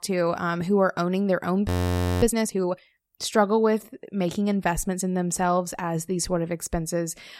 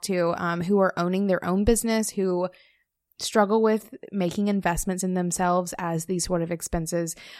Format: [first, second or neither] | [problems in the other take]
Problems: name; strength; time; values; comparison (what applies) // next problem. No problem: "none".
second | audio freezing; at 1.5 s for 0.5 s